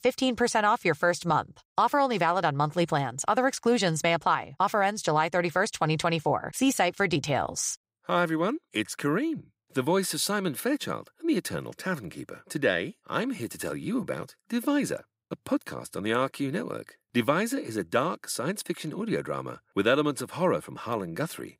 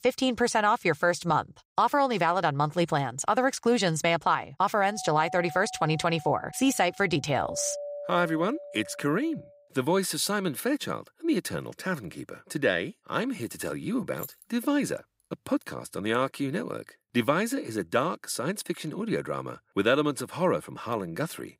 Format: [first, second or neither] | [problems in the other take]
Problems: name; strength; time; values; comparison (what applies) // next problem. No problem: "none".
first | doorbell; noticeable; from 5 to 9.5 s; peak 8 dB below the speech // jangling keys; faint; at 14 s; peak 15 dB below the speech